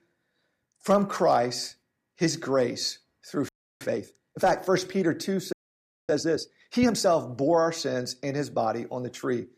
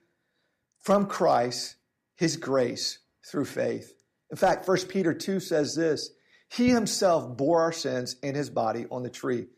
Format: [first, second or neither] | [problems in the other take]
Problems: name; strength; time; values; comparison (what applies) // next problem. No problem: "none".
second | audio freezing; at 3.5 s and at 5.5 s for 0.5 s